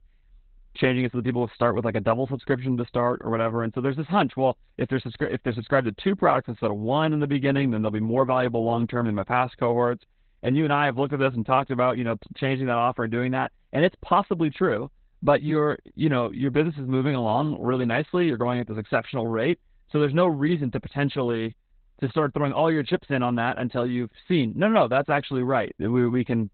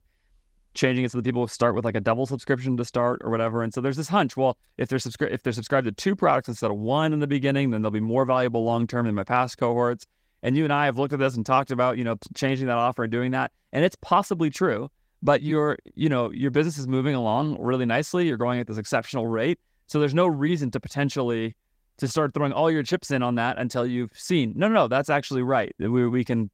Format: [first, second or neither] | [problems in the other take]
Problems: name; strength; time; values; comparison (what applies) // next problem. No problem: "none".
second | garbled, watery; badly; nothing above 4 kHz; slightly in the second